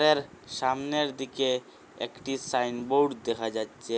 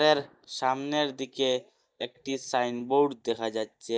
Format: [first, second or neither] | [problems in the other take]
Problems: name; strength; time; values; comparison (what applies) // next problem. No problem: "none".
first | noise reduction (neural mask model DeepFilterNet 3)